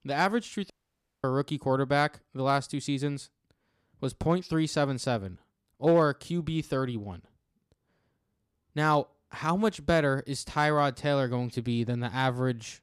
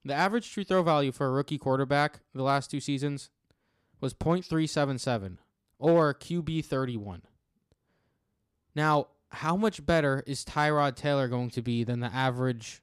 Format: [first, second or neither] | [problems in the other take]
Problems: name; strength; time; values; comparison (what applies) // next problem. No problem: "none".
second | audio cutting out; at 0.5 s for 0.5 s